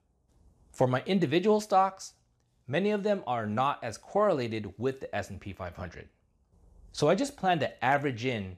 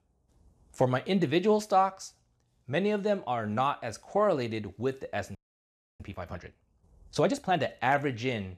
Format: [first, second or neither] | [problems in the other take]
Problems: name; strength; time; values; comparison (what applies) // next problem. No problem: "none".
first | audio freezing; at 5.5 s for 0.5 s